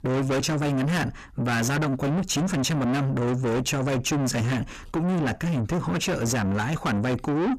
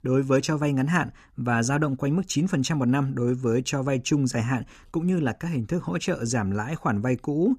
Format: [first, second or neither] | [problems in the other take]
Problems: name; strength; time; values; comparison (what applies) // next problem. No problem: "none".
second | distortion; heavy; 6 dB below the speech